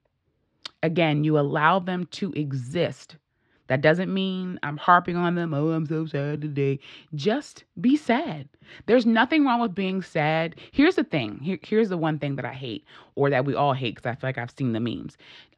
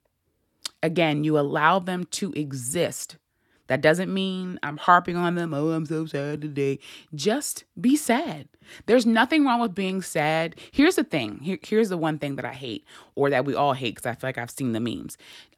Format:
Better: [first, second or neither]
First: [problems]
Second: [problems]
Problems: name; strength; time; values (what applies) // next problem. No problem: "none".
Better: second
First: muffled; very slightly; fading above 4 kHz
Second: none